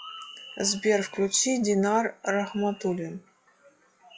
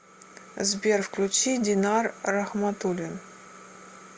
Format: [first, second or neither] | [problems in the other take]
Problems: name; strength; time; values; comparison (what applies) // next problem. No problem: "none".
second | noise reduction (classical method log-MMSE)